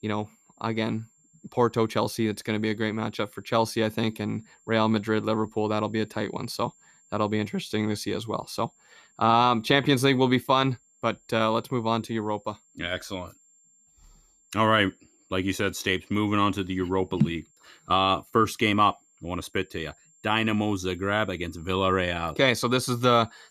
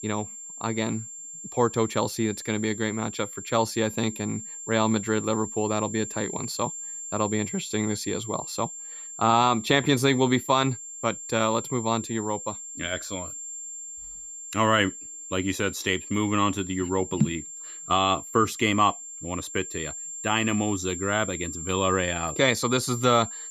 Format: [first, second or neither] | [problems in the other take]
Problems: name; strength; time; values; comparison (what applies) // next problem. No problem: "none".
first | high-pitched whine; loud; throughout; 7.5 kHz, 9 dB below the speech; faint in the first